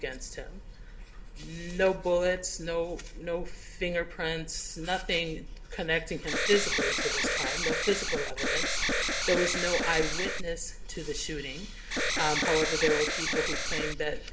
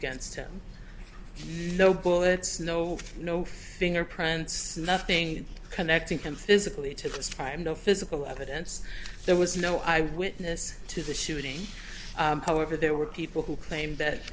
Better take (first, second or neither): second